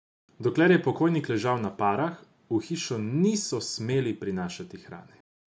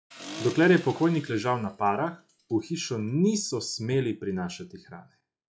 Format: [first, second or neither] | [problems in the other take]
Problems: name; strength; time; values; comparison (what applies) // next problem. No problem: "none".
first | noise reduction (classical method log-MMSE)